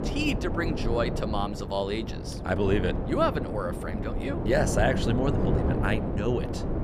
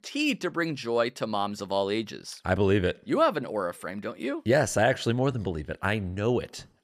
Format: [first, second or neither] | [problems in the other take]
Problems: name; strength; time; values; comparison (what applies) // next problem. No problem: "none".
second | wind noise on the microphone; heavy; 6 dB below the speech